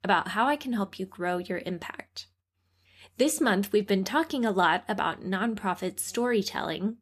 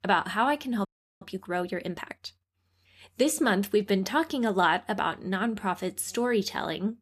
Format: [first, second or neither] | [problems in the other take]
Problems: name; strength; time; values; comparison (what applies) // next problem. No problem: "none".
first | audio freezing; at 1 s